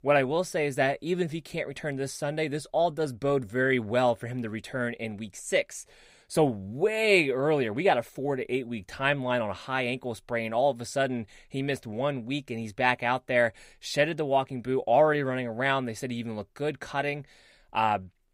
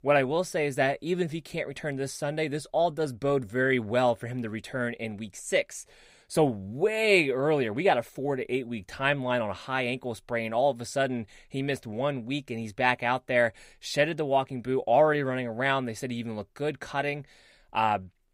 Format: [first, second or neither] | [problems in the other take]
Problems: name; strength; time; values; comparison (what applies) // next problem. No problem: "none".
neither | none